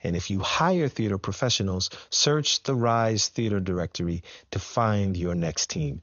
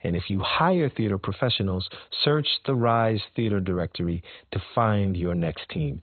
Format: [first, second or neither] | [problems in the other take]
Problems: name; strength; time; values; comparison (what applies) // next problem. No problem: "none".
first | garbled, watery; badly; nothing above 4 kHz; slightly in the first